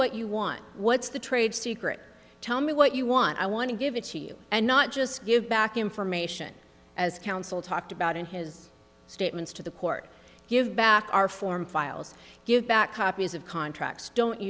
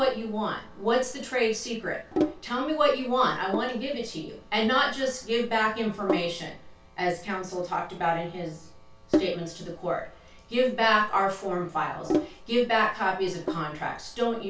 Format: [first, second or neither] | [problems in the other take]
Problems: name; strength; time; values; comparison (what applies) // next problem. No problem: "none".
first | background sound (Sink (filling or washing)); 8 dB below the speech // room echo; dies away in 0.2 s